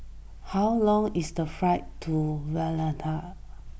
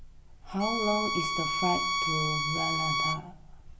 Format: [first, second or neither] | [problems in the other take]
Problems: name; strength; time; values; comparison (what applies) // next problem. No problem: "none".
first | background sound (Bowed string instrument); 3 dB above the speech // room echo; dies away in 0.9 s